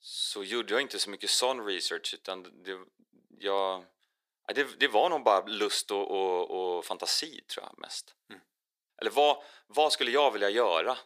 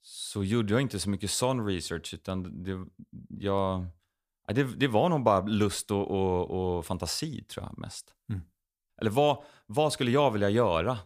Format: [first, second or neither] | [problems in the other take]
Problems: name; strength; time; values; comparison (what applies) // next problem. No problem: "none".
second | thin; very; fading below 350 Hz